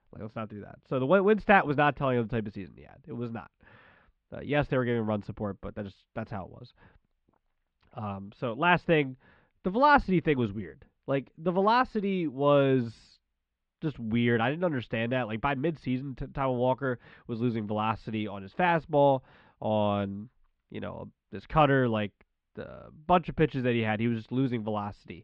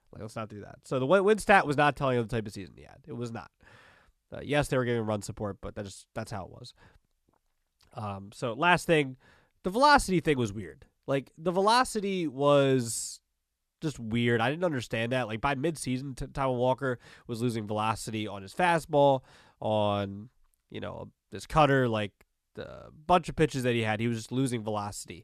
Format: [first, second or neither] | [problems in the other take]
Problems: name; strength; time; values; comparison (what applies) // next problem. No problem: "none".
second | muffled; slightly; fading above 3 kHz